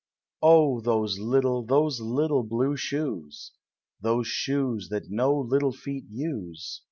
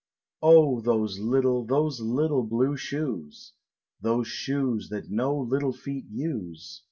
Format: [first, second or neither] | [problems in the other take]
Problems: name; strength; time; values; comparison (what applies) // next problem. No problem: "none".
first | room echo; dies away in 0.1 s